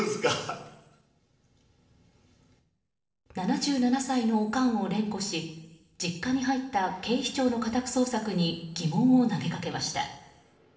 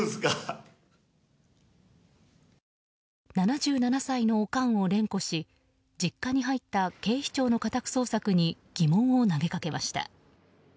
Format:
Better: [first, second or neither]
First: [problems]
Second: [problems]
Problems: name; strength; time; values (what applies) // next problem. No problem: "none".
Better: second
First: room echo; dies away in 0.8 s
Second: none